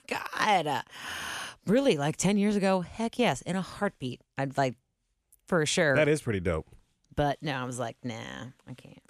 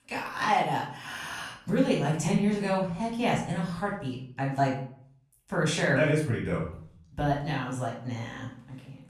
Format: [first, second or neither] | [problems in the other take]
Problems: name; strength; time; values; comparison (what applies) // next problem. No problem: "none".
first | off-mic speech; far // room echo; noticeable; dies away in 0.5 s